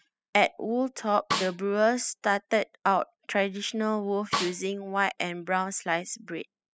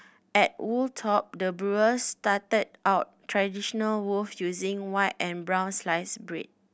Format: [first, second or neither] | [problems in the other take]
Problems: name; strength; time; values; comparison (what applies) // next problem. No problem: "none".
second | noise reduction (classical method spectral subtraction)